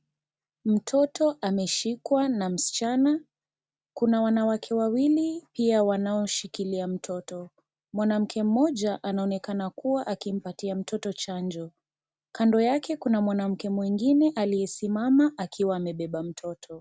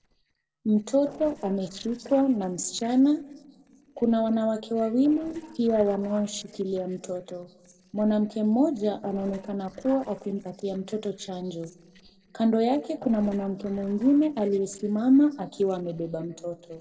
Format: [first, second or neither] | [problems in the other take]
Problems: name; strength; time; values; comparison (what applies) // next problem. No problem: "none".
first | noise reduction (neural separator model SepFormer DNS4)